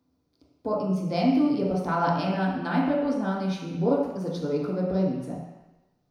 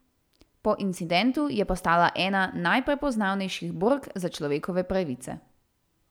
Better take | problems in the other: second | room echo; dies away in 1 s

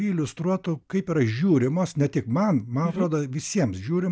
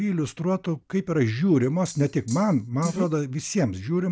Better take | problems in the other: first | background sound (Rattle (instrument)); 19 dB below the speech

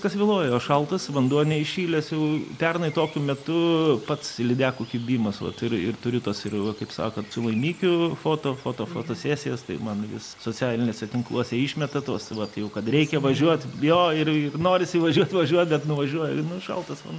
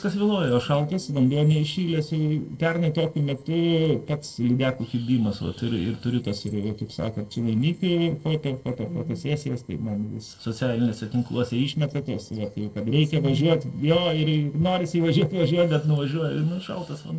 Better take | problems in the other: first | noise reduction (neural separator model SepFormer DNS4)

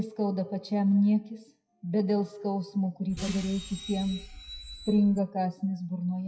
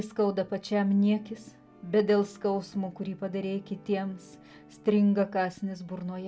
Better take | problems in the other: second | noise reduction (classical method WPE with log-MMSE)

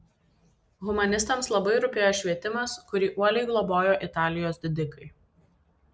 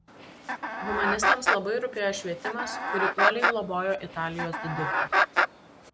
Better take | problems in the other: first | background sound (Chicken, rooster); 4 dB above the speech

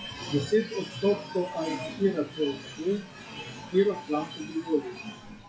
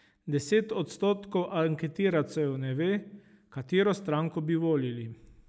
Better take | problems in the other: second | noise reduction (classical method WPE with log-MMSE)

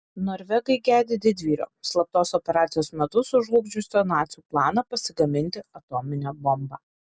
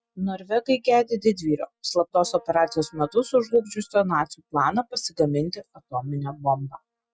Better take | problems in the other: first | noise reduction (classical method Wiener filter)

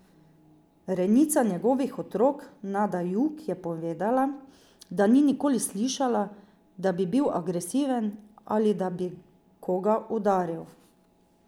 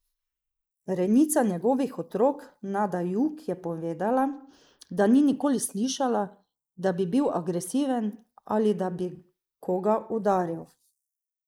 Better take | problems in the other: first | noise reduction (neural mask model Resemble Enhance denoiser)

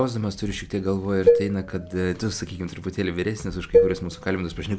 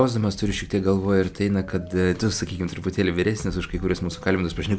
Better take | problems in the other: second | background sound (Dishes, pots, and pans); 4 dB above the speech

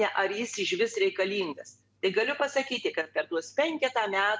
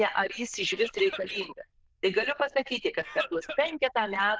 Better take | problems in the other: first | noise reduction (neural diffusion model UNIVERSE++)

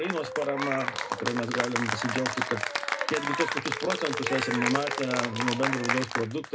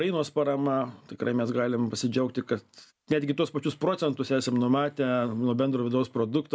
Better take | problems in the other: second | background sound (Applause / Cheering); as loud as the speech // room echo; dies away in 0.2 s

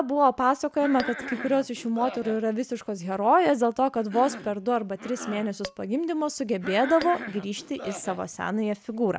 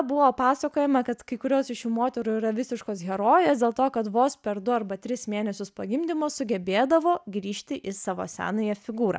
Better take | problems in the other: second | background sound (Cough + Tap / Glass); 15 dB below the speech

